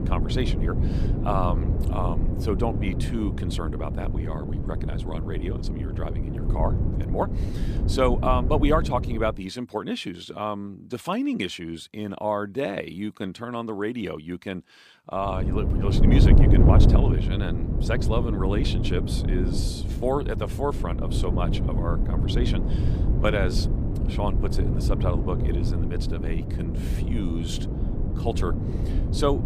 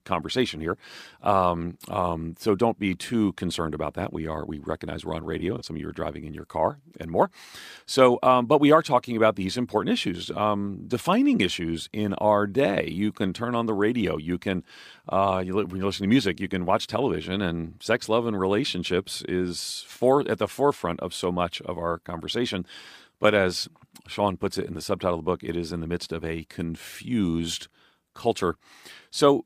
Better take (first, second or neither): second